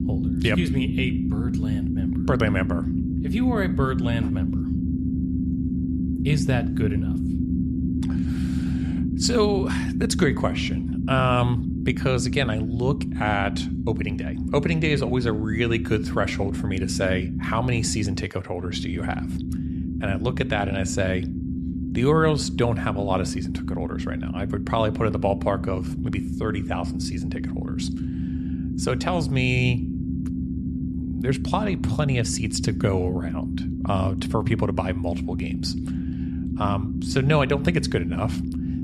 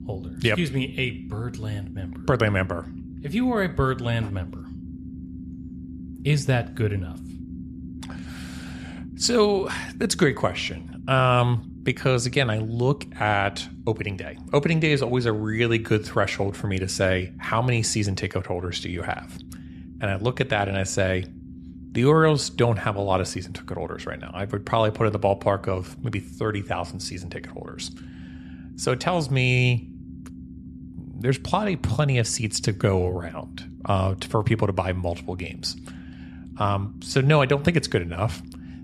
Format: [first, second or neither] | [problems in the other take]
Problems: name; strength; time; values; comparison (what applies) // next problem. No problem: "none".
second | low rumble; loud; throughout; 7 dB below the speech; faint in the second